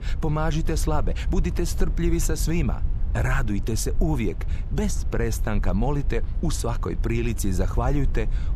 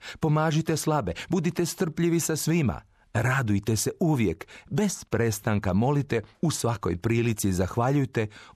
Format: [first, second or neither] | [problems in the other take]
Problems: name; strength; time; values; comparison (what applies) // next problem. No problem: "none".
second | low rumble; noticeable; throughout; 15 dB below the speech